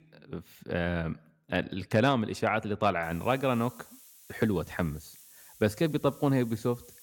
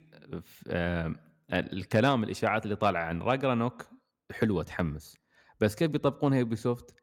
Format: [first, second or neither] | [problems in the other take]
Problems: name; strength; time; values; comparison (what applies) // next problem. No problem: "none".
second | hiss; faint; from 3 s on; 20 dB below the speech